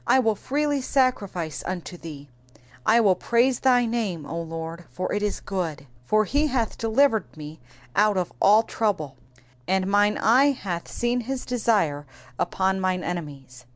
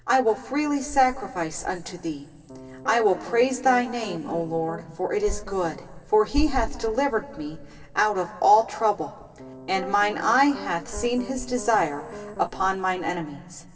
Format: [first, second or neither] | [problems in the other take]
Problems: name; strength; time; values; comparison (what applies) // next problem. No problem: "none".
first | background sound (Piano); 15 dB below the speech // room echo; dies away in 2.6 s